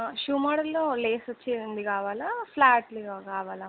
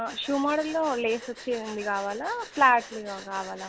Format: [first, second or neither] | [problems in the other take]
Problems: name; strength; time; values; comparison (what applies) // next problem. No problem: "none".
first | background sound (Breathing); 17 dB below the speech